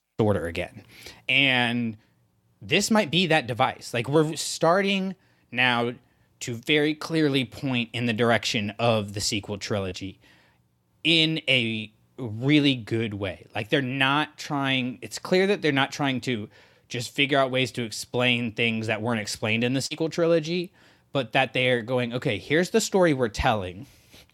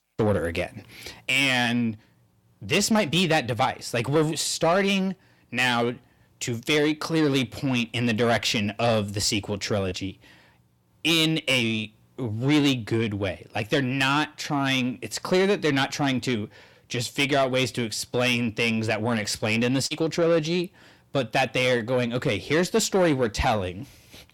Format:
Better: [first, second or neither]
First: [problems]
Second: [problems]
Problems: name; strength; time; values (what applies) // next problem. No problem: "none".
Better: first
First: none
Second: distortion; slight; 10 dB below the speech